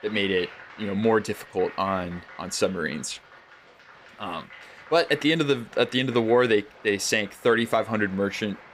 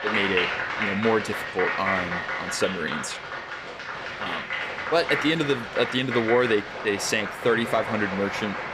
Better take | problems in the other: first | crowd noise; loud; throughout; 3 dB below the speech; faint in the first

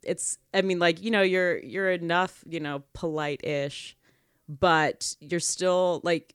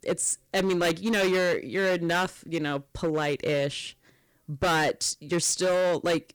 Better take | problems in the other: first | distortion; heavy; 15% of the sound clipped

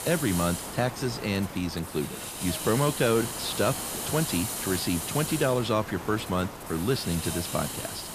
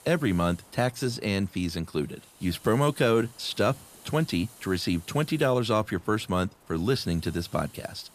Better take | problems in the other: second | hiss; loud; throughout; 5 dB below the speech; faint in the second

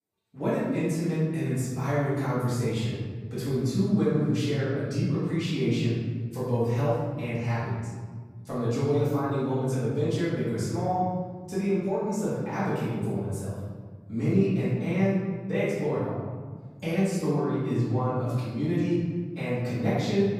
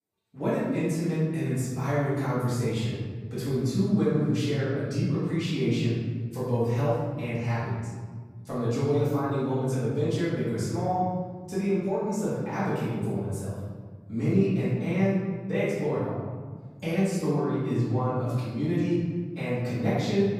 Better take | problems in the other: neither | room echo; strong; dies away in 1.7 s; the same in both // off-mic speech; far; the same in both

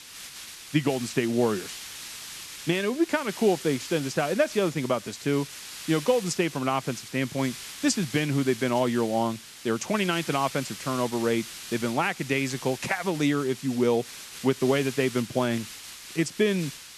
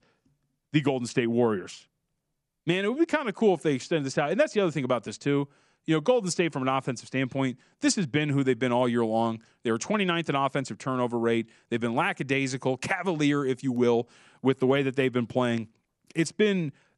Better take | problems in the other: second | hiss; noticeable; throughout; 10 dB below the speech

